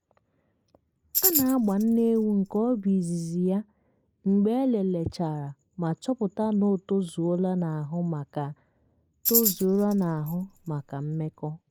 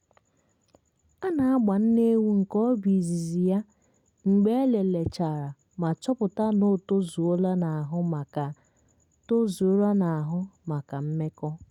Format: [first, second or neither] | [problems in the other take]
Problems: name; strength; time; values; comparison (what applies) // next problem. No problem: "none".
second | noise reduction (neural mask model Resemble Enhance denoiser)